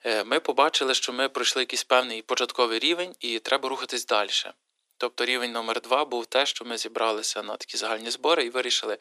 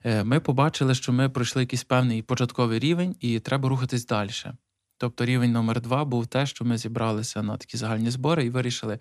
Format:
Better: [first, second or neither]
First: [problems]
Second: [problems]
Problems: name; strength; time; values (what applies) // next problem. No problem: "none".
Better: second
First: thin; very; fading below 350 Hz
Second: none